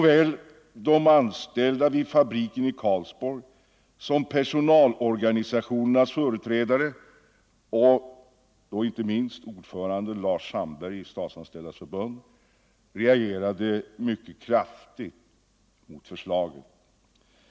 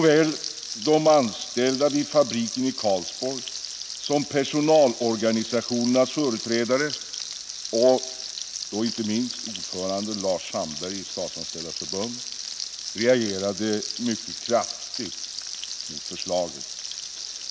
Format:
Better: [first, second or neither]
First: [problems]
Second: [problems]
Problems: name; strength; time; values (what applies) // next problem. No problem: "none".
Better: first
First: none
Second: background sound (Frying (food)); 9 dB below the speech